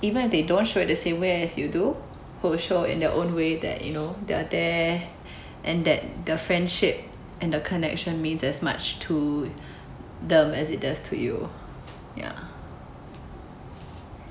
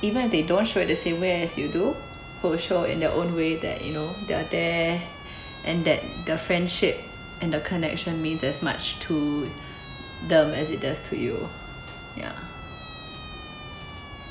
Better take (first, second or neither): first